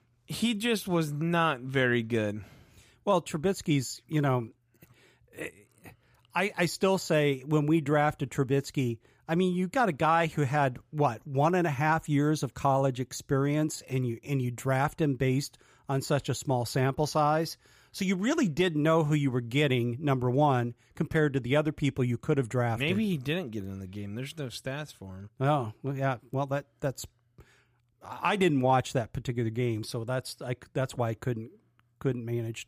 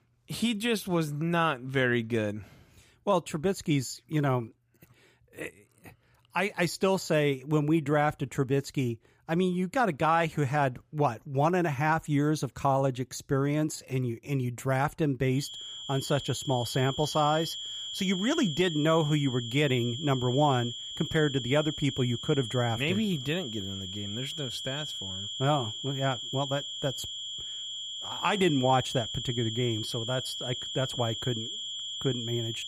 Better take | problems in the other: first | high-pitched whine; loud; from 15 s on; 3.5 kHz, 6 dB below the speech

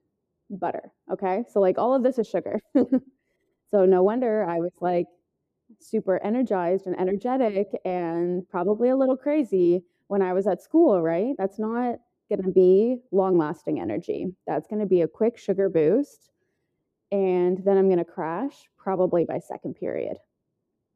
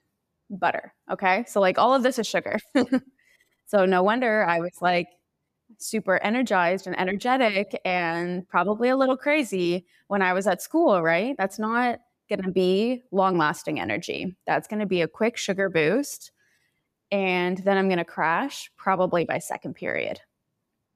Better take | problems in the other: second | muffled; very; fading above 1 kHz

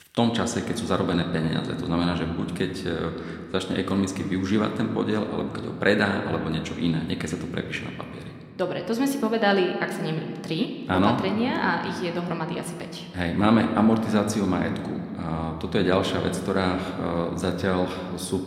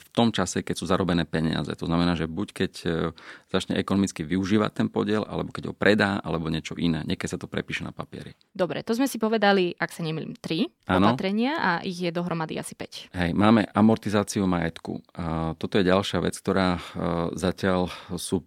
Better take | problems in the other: second | room echo; slight; dies away in 1.7 s

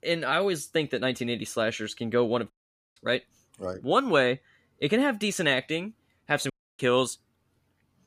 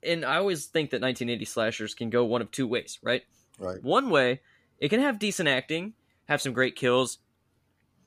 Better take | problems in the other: second | audio cutting out; at 2.5 s and at 6.5 s

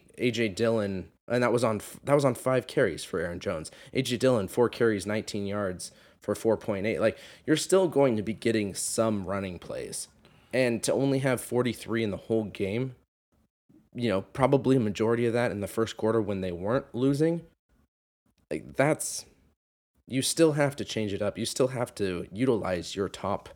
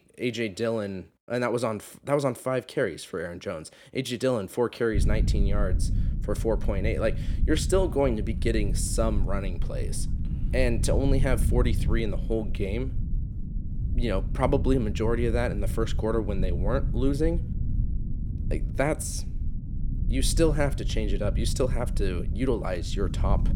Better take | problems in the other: first | low rumble; noticeable; from 5 s on; 15 dB below the speech

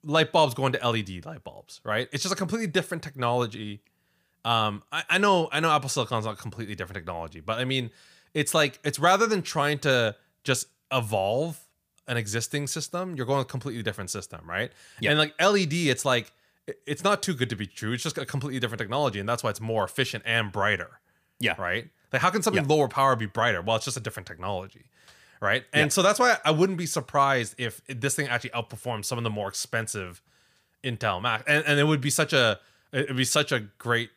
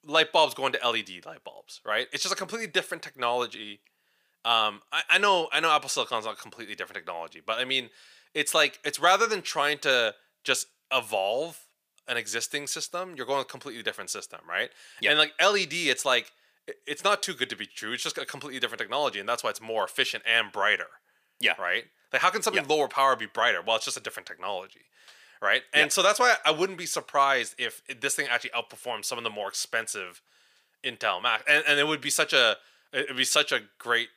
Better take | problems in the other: first | thin; somewhat; fading below 400 Hz

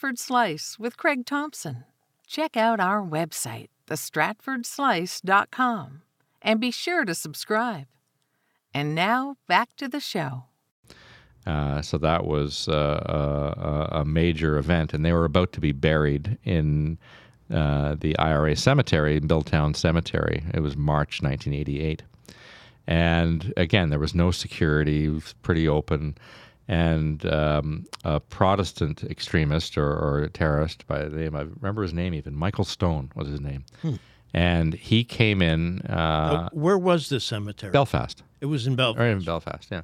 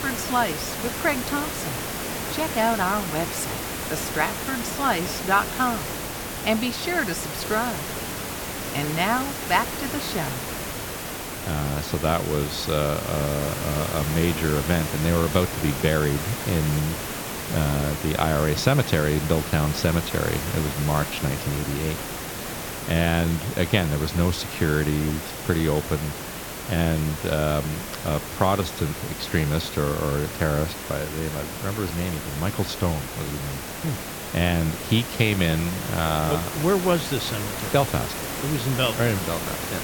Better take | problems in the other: first | hiss; loud; throughout; 5 dB below the speech

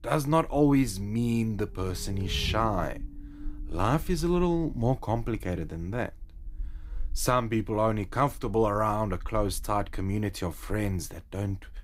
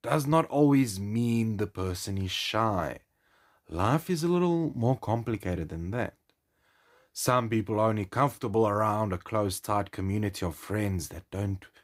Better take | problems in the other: second | low rumble; faint; throughout; 25 dB below the speech

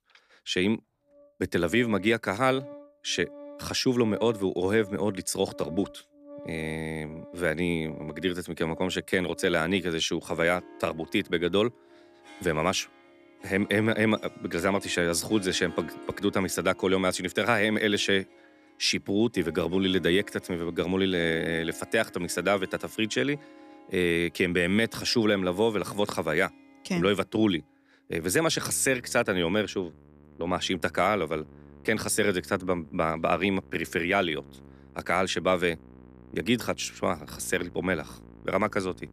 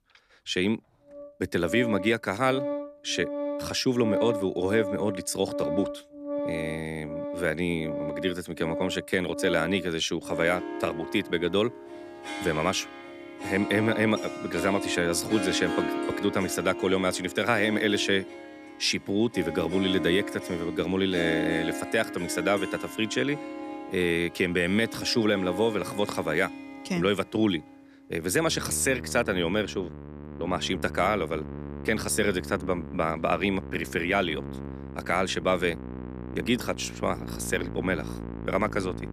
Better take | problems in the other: first | background music; loud; throughout; 8 dB below the speech; faint in the first

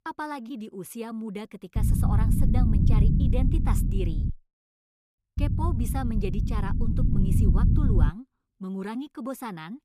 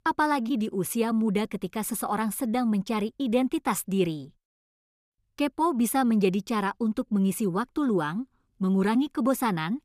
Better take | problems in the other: second | low rumble; loud; from 2 to 4.5 s and from 5.5 to 8 s; 1 dB below the speech

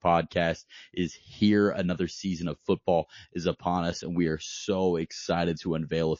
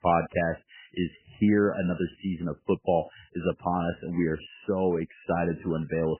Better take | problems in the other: first | garbled, watery; badly; nothing above 3 kHz; slightly in the first

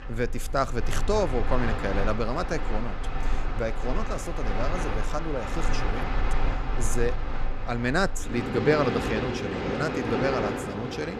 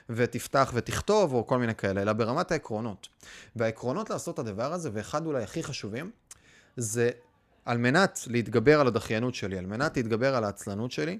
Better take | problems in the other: second | train or aircraft noise; loud; throughout; 2 dB below the speech

